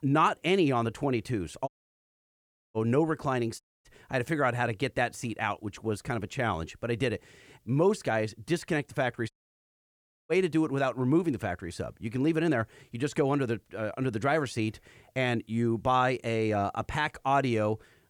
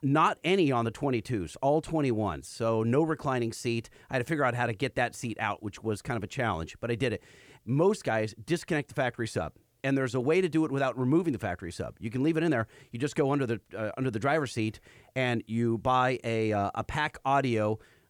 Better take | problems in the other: second | audio cutting out; at 1.5 s for 1 s, at 3.5 s and at 9.5 s for 1 s

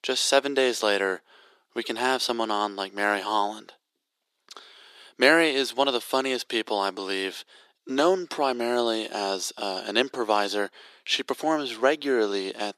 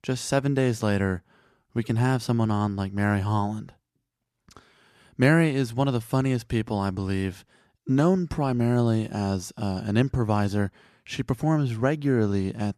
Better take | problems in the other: second | thin; very; fading below 350 Hz

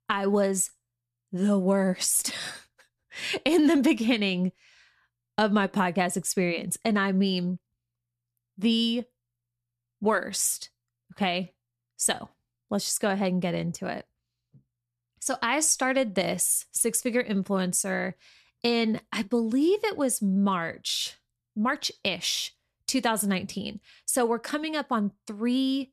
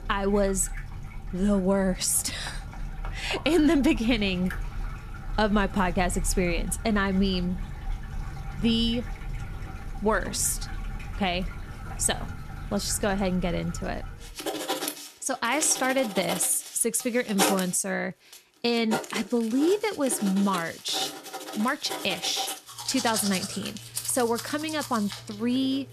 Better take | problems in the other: first | household noises; loud; throughout; 9 dB below the speech

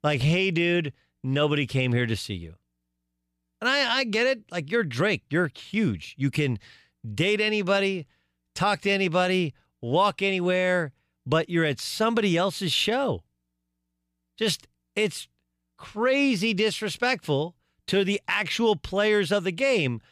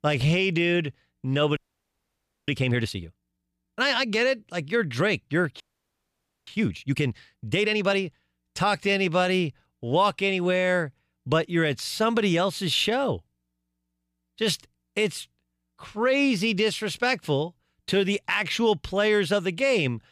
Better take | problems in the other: first | audio freezing; at 1.5 s for 1 s and at 5.5 s for 1 s

